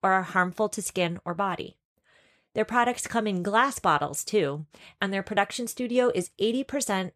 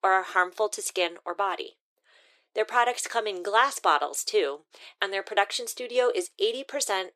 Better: first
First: none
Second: thin; very; fading below 350 Hz

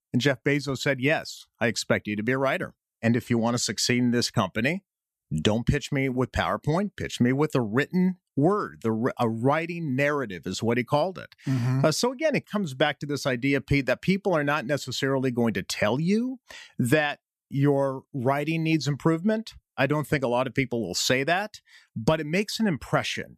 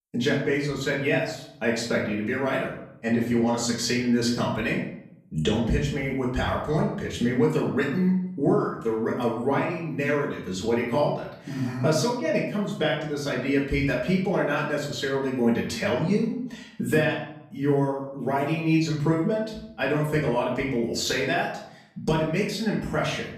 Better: first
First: none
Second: off-mic speech; far // room echo; noticeable; dies away in 0.6 s

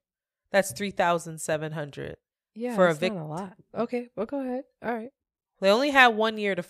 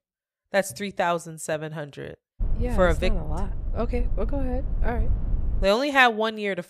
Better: first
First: none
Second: low rumble; faint; from 2.5 to 5.5 s; 25 dB below the speech

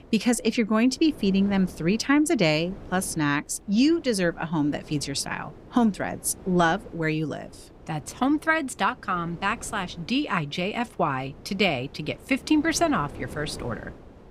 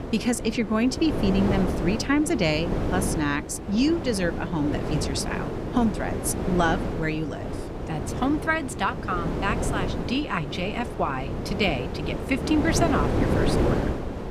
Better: first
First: wind noise on the microphone; occasional gusts; 20 dB below the speech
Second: wind noise on the microphone; heavy; 4 dB below the speech

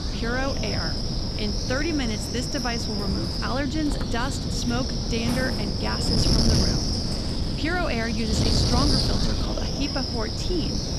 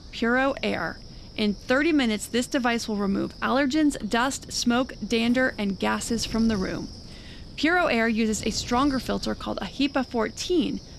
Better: second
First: wind noise on the microphone; heavy; 2 dB above the speech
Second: wind noise on the microphone; occasional gusts; 20 dB below the speech

